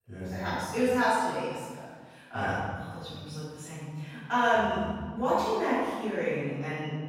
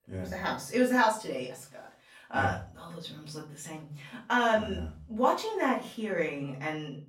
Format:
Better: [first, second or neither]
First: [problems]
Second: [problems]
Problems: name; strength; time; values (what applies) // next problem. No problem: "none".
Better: second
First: room echo; strong; dies away in 1.6 s // off-mic speech; far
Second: room echo; slight; dies away in 0.4 s // off-mic speech; far